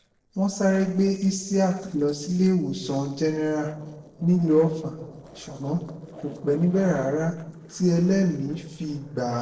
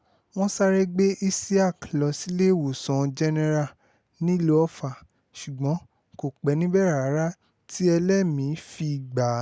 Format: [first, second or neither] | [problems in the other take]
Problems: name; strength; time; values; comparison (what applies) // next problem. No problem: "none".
second | noise reduction (neural separator model SepFormer DNS4)